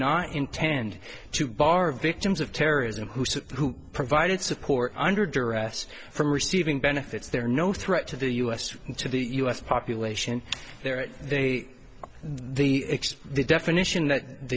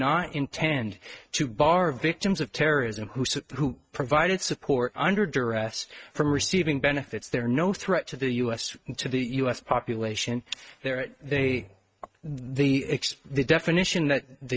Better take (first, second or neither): first